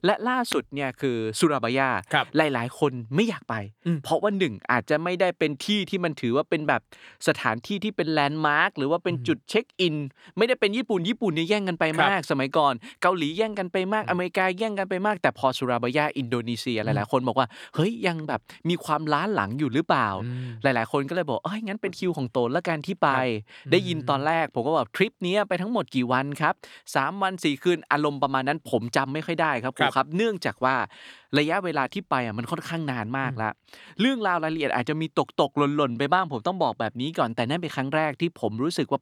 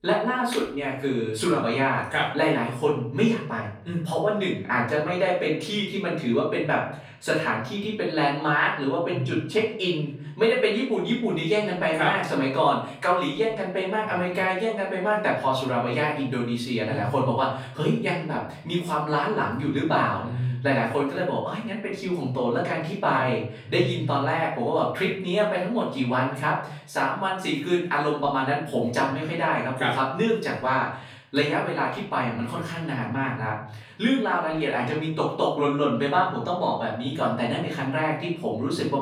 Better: first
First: none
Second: off-mic speech; far // room echo; noticeable; dies away in 0.5 s

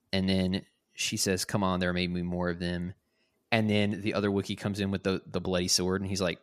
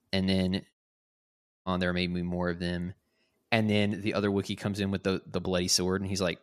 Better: first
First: none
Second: audio cutting out; at 0.5 s for 1 s

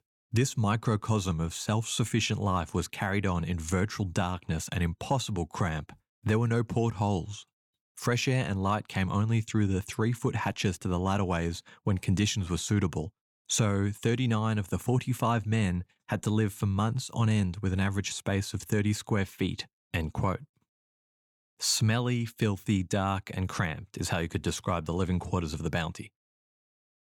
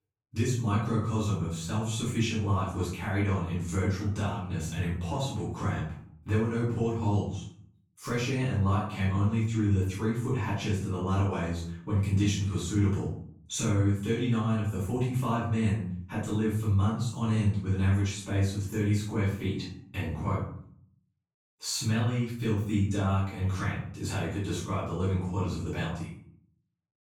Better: first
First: none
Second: off-mic speech; far // room echo; noticeable; dies away in 0.5 s

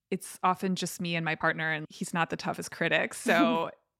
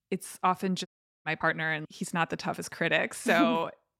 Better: first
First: none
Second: audio cutting out; at 1 s

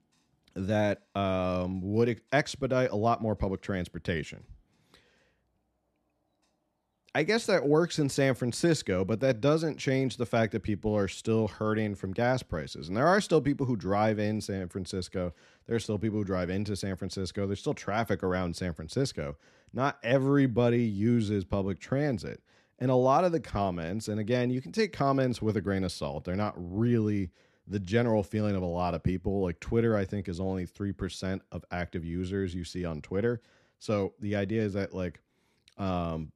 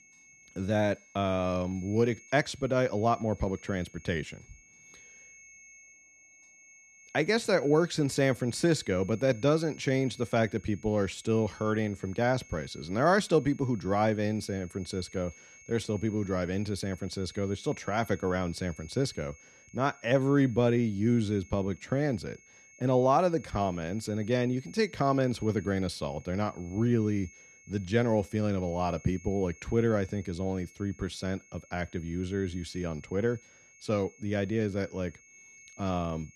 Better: first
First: none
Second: high-pitched whine; faint; throughout; 2 kHz, 25 dB below the speech

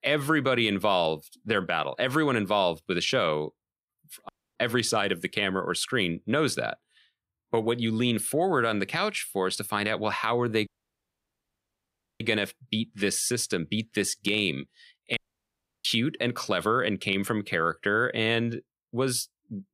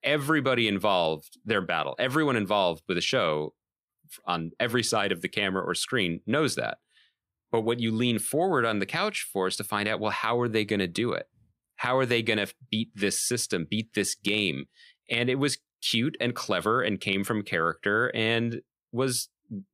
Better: second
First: audio cutting out; at 4.5 s, at 11 s for 1.5 s and at 15 s for 0.5 s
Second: none

